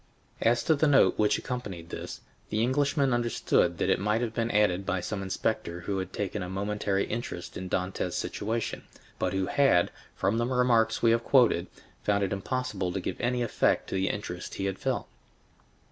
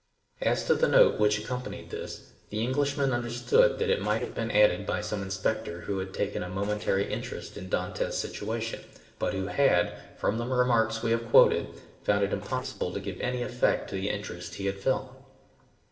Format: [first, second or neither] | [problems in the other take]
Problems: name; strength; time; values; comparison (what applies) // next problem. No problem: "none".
first | noise reduction (neural separator model SepFormer DNS4)